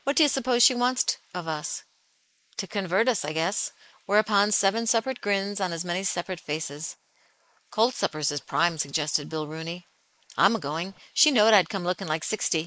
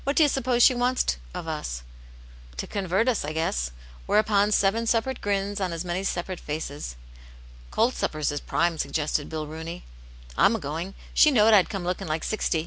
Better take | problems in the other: second | noise reduction (neural mask model Resemble Enhance denoiser)

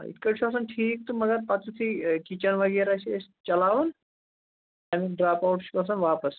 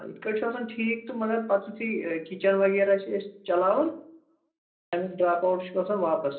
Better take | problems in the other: first | room echo; dies away in 0.5 s

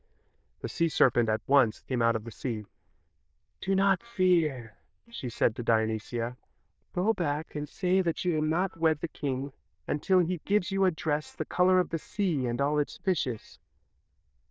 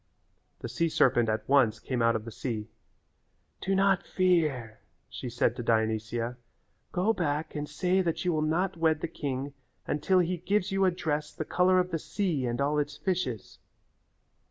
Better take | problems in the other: second | noise reduction (neural diffusion model UNIVERSE++)

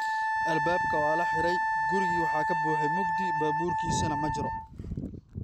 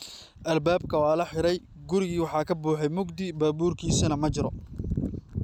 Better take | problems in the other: second | background sound (Wind instrument, woodwind instrument); 4 dB above the speech

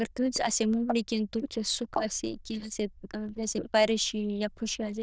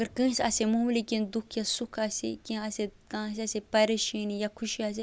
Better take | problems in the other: second | noise reduction (neural diffusion model UNIVERSE++)

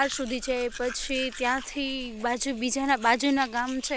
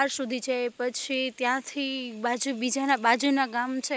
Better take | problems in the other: second | background sound (Domestic sounds, home sounds); 15 dB below the speech

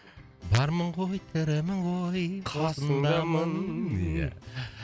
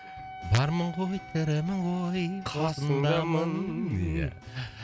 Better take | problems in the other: first | background sound (Wind instrument, woodwind instrument); 18 dB below the speech

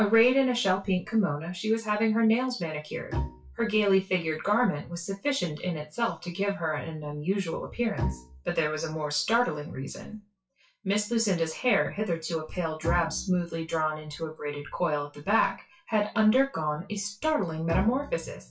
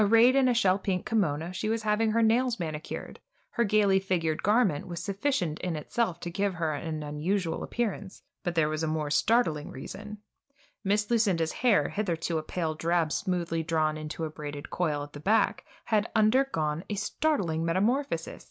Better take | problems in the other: second | noise reduction (classical method WPE with log-MMSE)

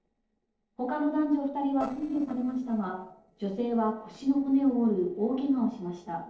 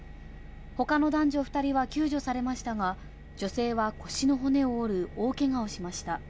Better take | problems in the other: second | noise reduction (neural separator model SepFormer DNS4)

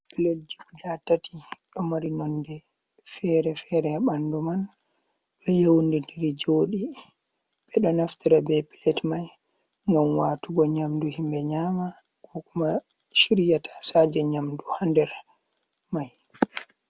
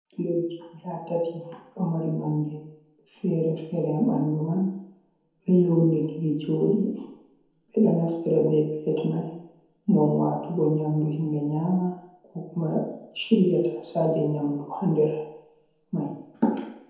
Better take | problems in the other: first | room echo; dies away in 0.9 s

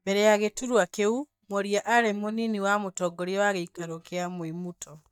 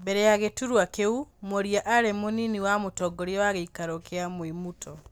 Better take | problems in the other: second | noise reduction (neural mask model DeepFilterNet 3)

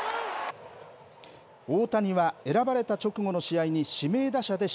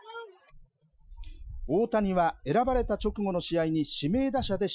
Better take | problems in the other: first | noise reduction (classical method Wiener filter)

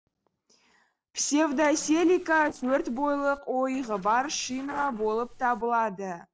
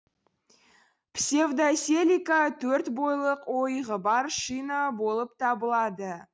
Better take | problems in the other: second | noise reduction (neural separator model SepFormer DNS4)

